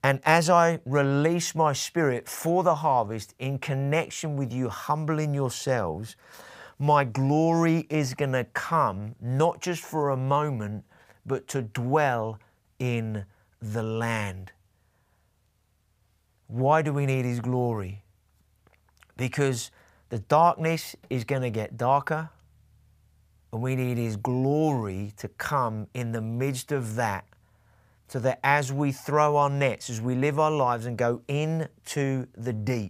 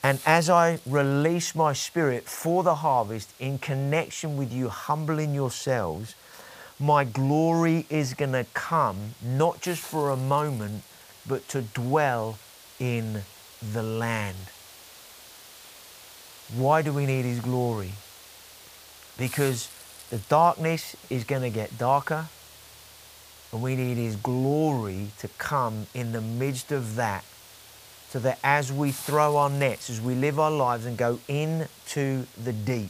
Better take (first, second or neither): first